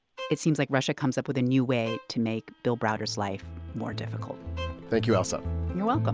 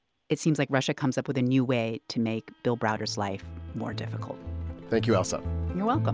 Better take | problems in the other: second | background sound (Bowed string instrument); 17 dB below the speech

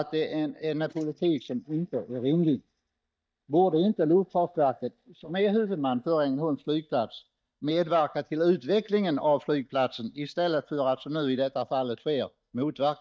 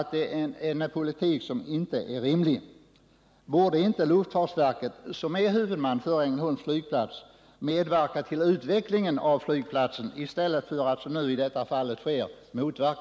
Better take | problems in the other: second | noise reduction (neural mask model DeepFilterNet 3)

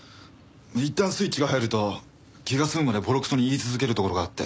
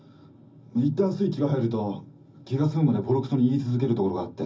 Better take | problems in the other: first | room echo; dies away in 0.4 s

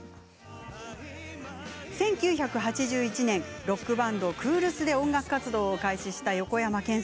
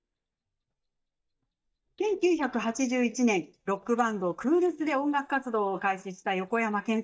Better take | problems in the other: first | noise reduction (neural mask model DeepFilterNet 3)

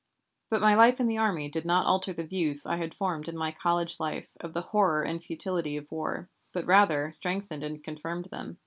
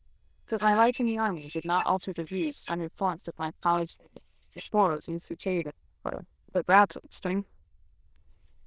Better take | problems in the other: first | noise reduction (neural diffusion model UNIVERSE++)

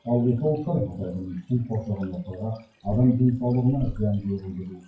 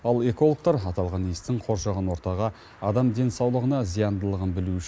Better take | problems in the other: second | noise reduction (classical method WPE with log-MMSE)

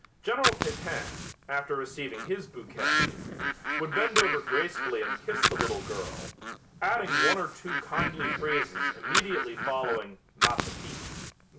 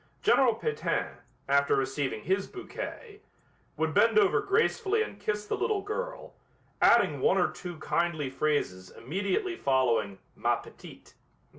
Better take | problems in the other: second | background sound (Fire + Bird); 2 dB above the speech

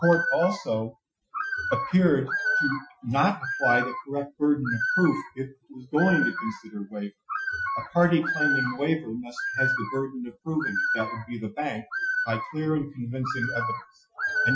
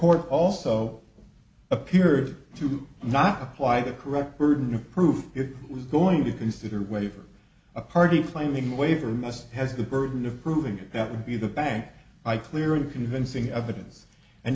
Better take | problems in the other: second | noise reduction (classical method Wiener filter)

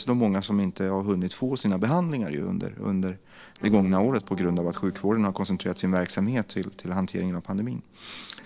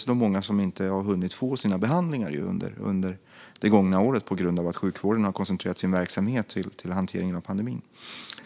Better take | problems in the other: second | noise reduction (neural separator model SepFormer DNS4)

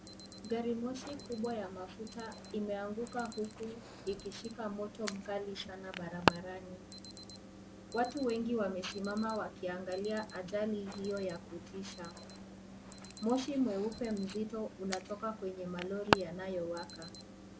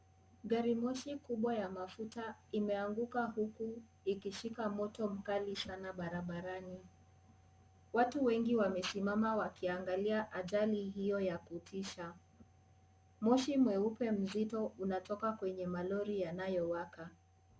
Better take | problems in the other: second | background sound (Alarm); 4 dB below the speech

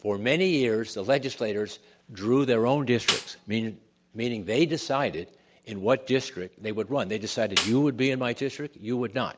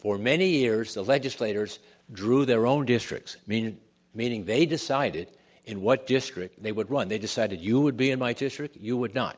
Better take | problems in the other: second | background sound (Snare drum); 7 dB below the speech

